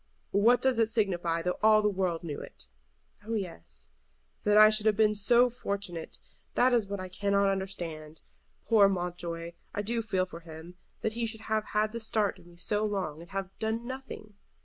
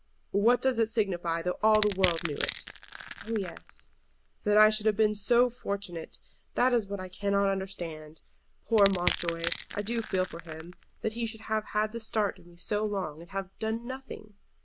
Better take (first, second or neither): first